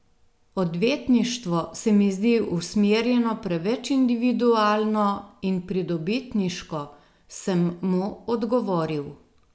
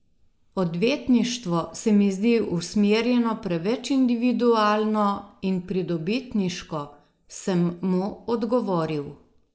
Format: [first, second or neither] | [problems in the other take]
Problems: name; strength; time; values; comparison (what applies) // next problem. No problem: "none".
first | noise reduction (neural mask model Resemble Enhance denoiser)